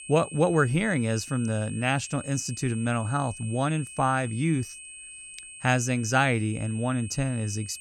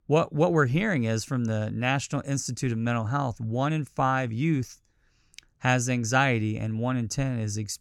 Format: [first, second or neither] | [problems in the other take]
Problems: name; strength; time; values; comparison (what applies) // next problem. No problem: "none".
second | high-pitched whine; noticeable; throughout; 8.5 kHz, 15 dB below the speech